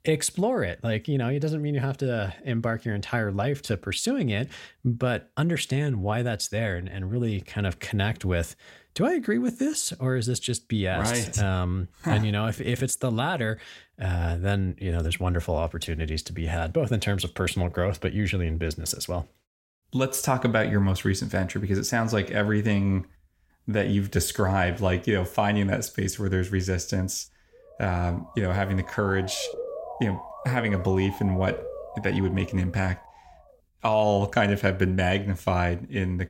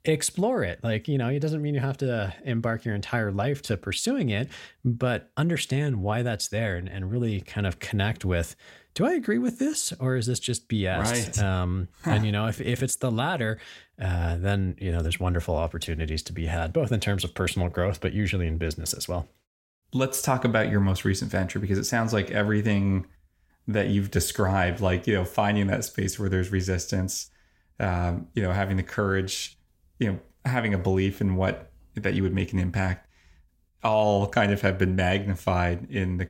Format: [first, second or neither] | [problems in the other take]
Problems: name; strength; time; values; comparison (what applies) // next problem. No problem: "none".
second | siren; noticeable; from 28 to 33 s; peak 8 dB below the speech